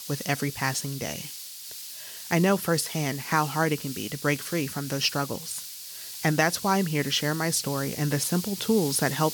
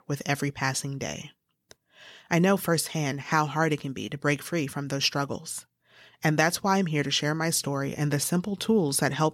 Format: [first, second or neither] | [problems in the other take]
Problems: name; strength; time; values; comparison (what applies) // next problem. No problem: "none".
second | hiss; loud; throughout; 9 dB below the speech